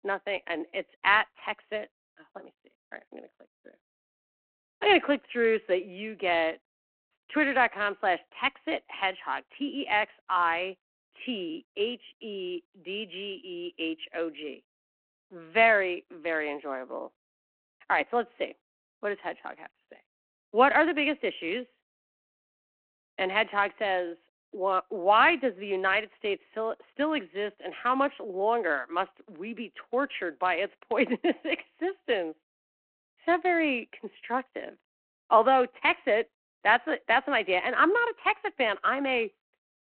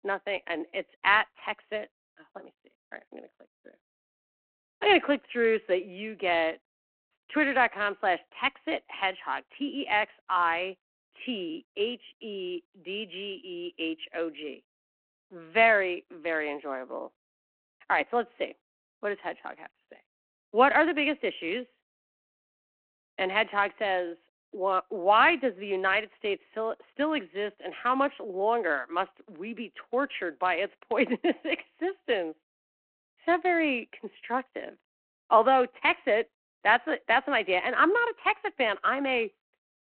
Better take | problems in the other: neither | phone-call audio; the same in both

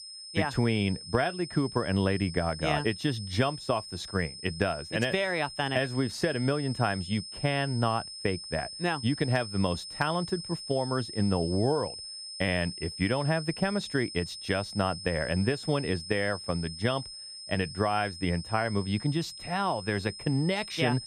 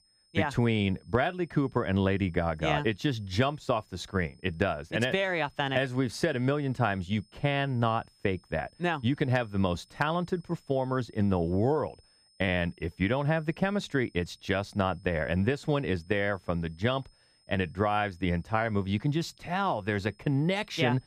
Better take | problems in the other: second | high-pitched whine; loud; throughout; 5 kHz, 10 dB below the speech; faint in the second

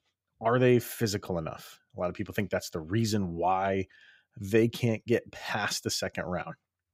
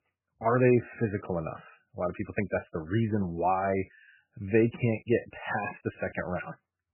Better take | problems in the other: first | garbled, watery; badly; nothing above 2.5 kHz

